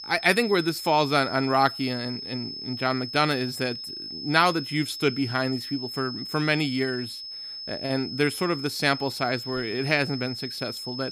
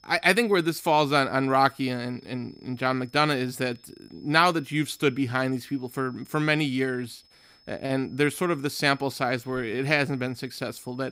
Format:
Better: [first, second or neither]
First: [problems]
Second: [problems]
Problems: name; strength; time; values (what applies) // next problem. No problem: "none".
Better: second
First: high-pitched whine; loud; throughout; 5 kHz, 8 dB below the speech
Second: high-pitched whine; faint; throughout; 5 kHz, 30 dB below the speech